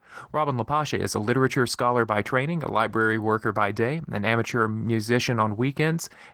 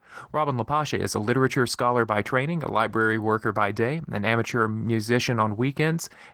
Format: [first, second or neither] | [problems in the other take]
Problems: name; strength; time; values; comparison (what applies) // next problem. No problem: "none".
neither | garbled, watery; slightly; the same in both